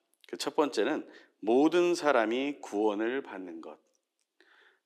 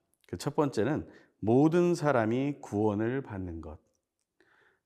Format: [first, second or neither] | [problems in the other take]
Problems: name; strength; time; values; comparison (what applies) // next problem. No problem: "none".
second | thin; very slightly; fading below 300 Hz